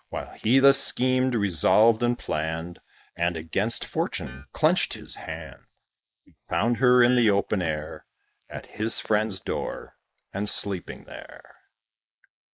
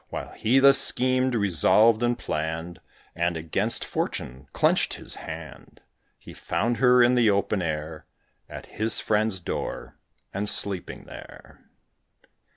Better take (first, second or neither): second